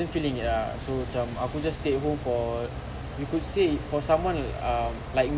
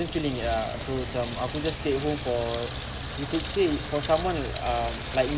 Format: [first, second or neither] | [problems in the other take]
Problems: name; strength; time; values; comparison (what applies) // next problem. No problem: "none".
first | background sound (Sink (filling or washing) / Water tap, faucet); 11 dB below the speech